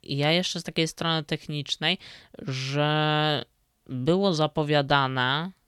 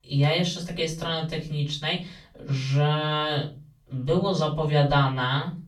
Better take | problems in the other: first | off-mic speech; far // room echo; slight; dies away in 0.3 s

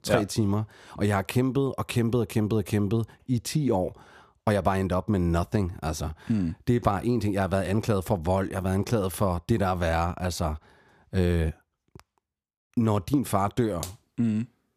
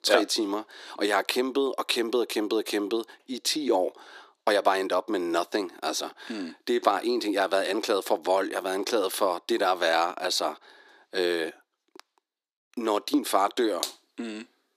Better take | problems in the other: first | thin; somewhat; fading below 300 Hz

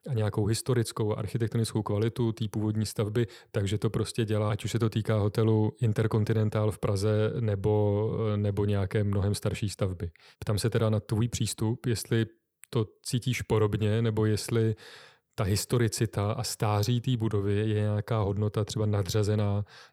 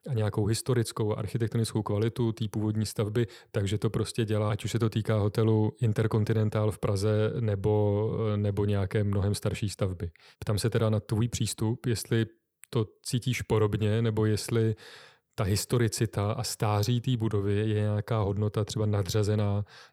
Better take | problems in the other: neither | none

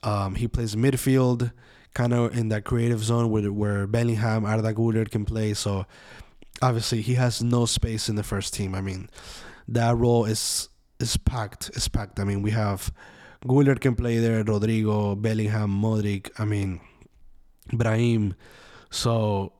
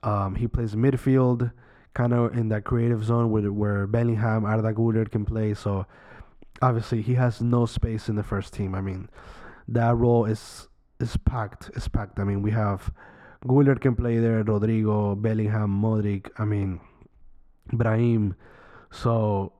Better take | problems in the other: first | muffled; very; fading above 3 kHz

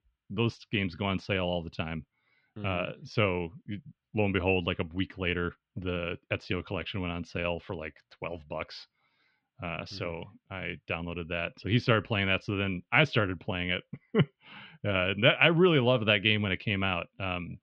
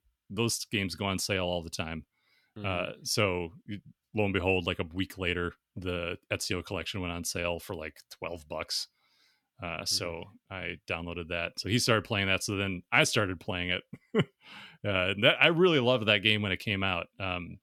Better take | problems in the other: second | muffled; very; fading above 3.5 kHz

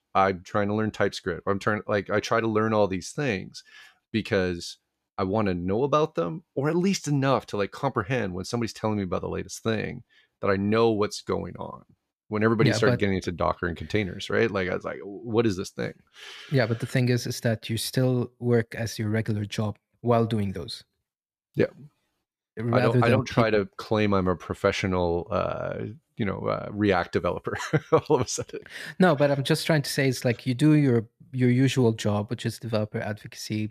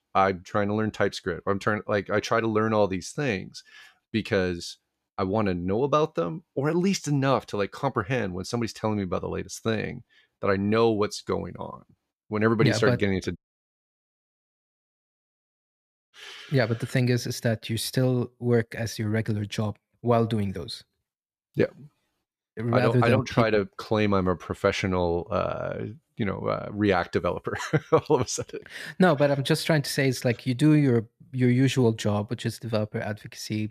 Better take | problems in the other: first | audio cutting out; at 13 s for 3 s

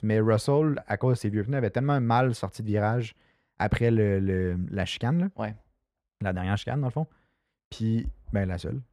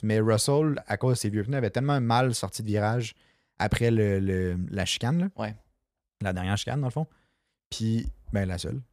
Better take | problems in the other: second | muffled; slightly; fading above 3.5 kHz

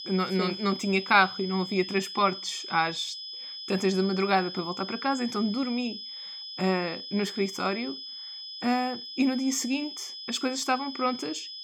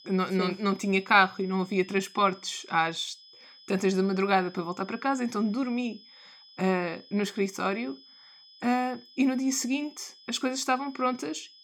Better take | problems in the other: second | high-pitched whine; loud; throughout; 5 kHz, 9 dB below the speech; faint in the second

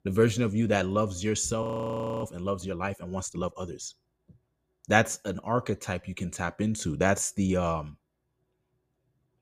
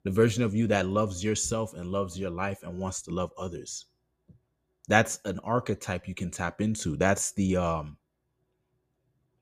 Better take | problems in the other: second | audio freezing; at 1.5 s for 0.5 s

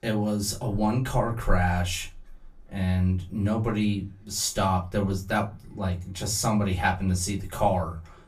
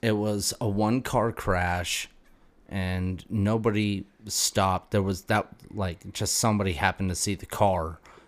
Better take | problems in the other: second | off-mic speech; far // room echo; very slight; dies away in 0.2 s

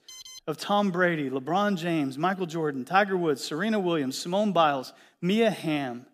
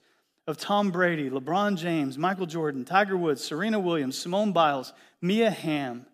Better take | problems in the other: second | alarm; faint; at the start; peak 15 dB below the speech

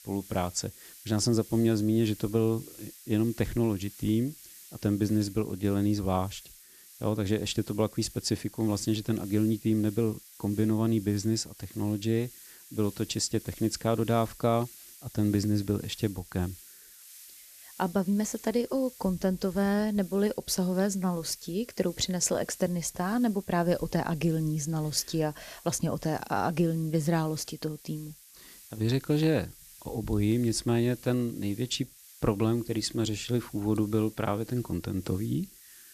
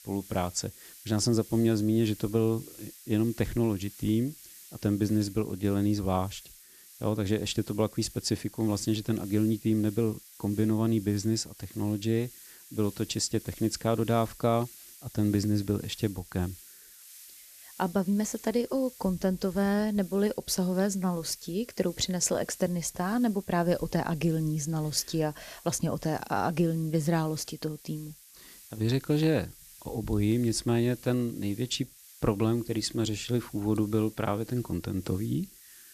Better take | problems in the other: neither | hiss; noticeable; throughout; 20 dB below the speech; the same in both

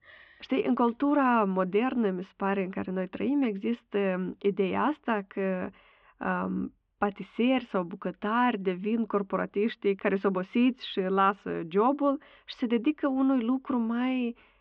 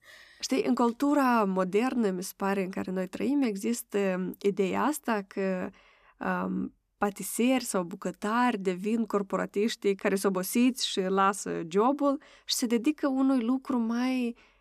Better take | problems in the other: second | muffled; very; fading above 3 kHz

